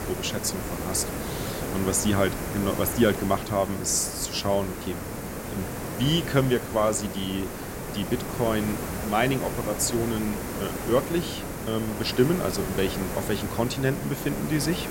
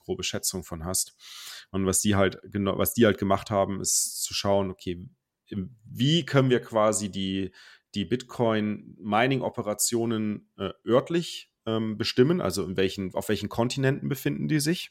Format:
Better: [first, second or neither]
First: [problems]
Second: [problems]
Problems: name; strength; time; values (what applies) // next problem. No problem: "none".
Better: second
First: hiss; loud; throughout; 6 dB below the speech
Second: none